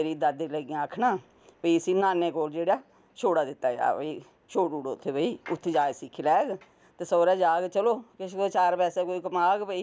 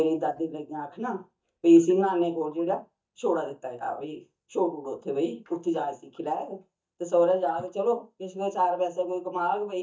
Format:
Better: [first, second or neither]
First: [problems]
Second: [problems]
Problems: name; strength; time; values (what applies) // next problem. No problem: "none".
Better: first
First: none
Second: noise reduction (neural mask model DeepFilterNet 3)